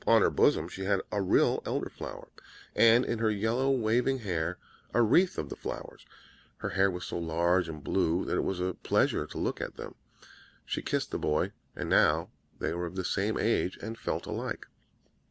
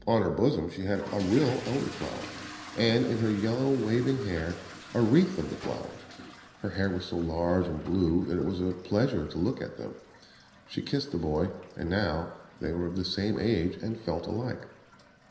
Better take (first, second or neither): first